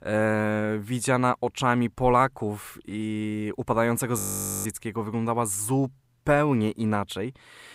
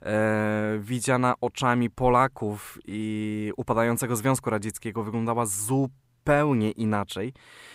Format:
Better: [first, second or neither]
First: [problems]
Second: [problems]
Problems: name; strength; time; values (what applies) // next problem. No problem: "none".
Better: second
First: audio freezing; at 4 s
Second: none